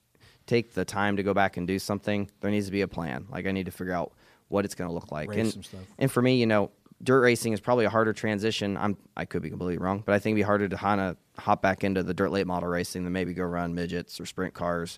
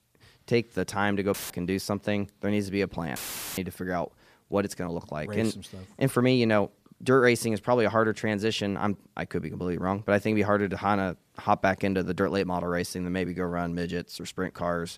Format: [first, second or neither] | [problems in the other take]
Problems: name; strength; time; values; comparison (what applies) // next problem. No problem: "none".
first | audio cutting out; filled with static; at 1.5 s and at 3 s